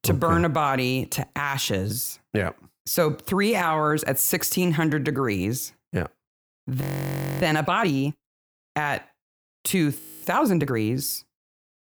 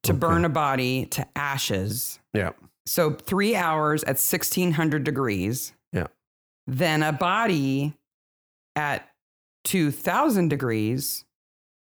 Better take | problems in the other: second | audio freezing; at 7 s for 0.5 s and at 10 s

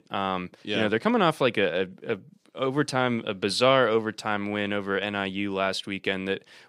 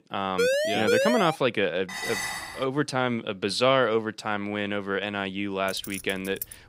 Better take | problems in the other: first | siren; loud; at 0.5 s; peak 3 dB above the speech // clattering dishes; noticeable; at 2 s; peak 2 dB below the speech // jangling keys; noticeable; at 5.5 s; peak 10 dB below the speech

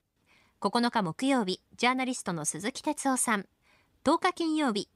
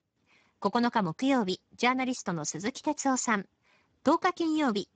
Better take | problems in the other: first | garbled, watery; badly

